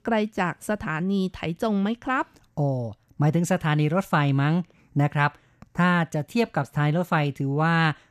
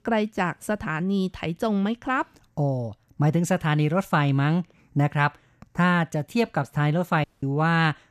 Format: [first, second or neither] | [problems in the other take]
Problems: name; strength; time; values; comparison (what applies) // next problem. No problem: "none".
first | audio cutting out; at 7 s